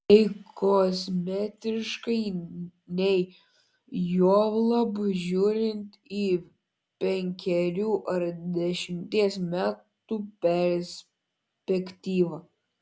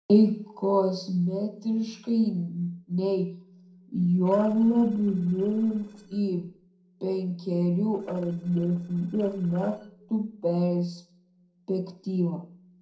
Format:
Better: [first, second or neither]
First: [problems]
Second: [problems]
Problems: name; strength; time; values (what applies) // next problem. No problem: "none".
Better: first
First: none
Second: noise reduction (neural separator model SepFormer DNS4)